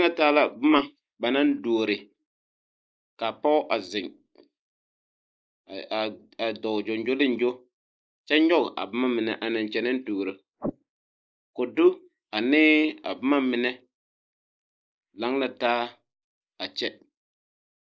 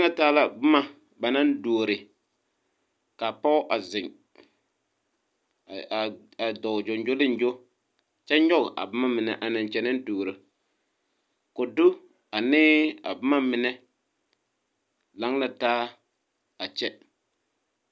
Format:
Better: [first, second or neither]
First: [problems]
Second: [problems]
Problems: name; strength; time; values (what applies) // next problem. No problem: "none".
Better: second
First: noise reduction (neural mask model Resemble Enhance denoiser)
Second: none